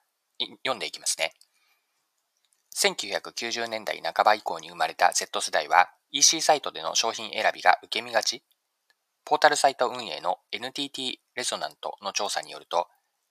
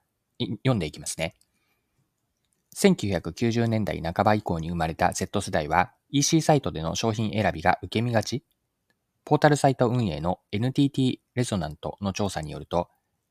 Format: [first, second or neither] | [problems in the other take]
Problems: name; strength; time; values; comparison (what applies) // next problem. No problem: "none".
second | thin; very; fading below 850 Hz